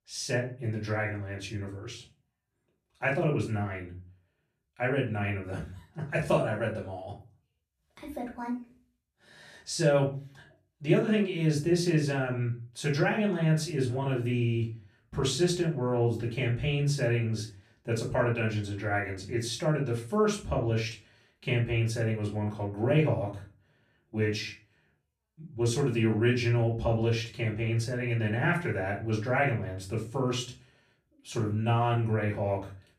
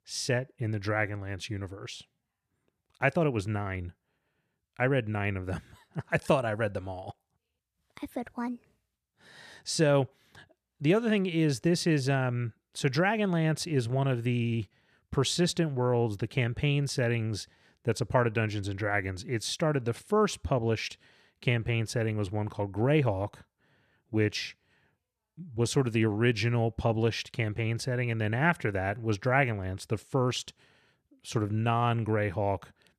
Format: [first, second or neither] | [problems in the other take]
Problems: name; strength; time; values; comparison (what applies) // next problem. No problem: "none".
second | off-mic speech; far // room echo; slight; dies away in 0.3 s